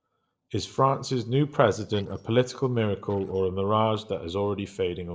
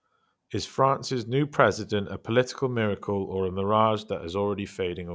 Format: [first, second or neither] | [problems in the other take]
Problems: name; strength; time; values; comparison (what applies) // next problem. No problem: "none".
second | noise reduction (neural separator model SepFormer DNS4)